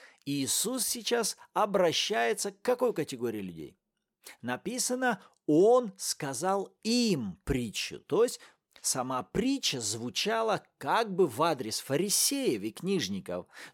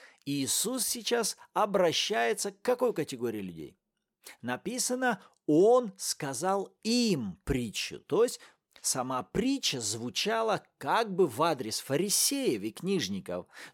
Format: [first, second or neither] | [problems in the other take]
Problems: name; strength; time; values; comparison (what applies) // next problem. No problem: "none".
neither | none